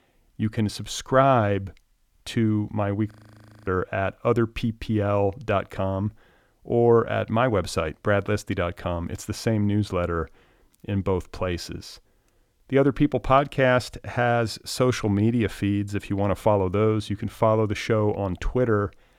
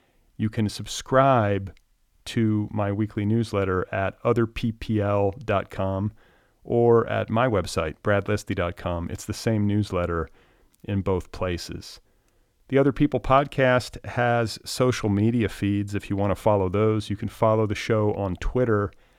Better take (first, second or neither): second